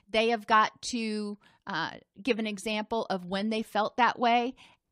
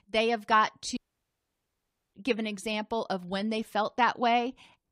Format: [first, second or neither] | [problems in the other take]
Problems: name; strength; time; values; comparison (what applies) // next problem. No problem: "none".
first | audio cutting out; at 1 s for 1 s